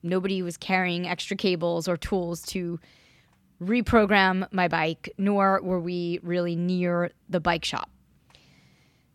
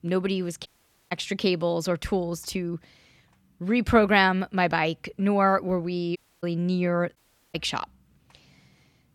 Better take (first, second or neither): first